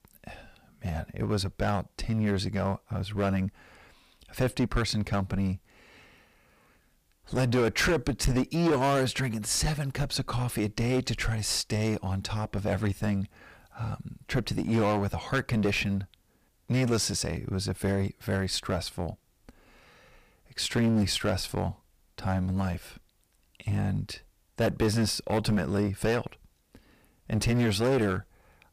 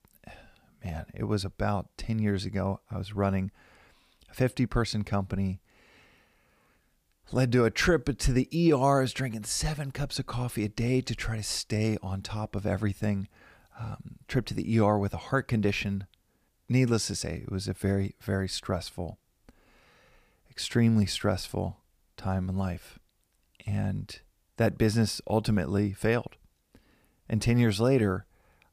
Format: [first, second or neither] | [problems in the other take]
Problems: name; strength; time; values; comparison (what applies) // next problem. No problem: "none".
second | distortion; heavy; 9% of the sound clipped